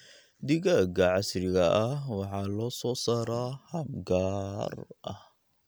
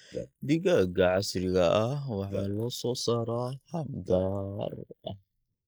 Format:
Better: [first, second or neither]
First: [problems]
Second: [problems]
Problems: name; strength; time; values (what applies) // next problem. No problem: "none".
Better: first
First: none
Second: noise reduction (neural mask model Resemble Enhance denoiser)